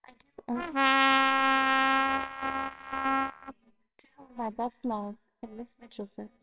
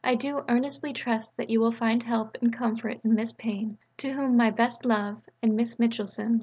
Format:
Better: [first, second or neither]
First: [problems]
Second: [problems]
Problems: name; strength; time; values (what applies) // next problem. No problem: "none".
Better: second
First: noise reduction (neural separator model SepFormer WHAMR!)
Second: none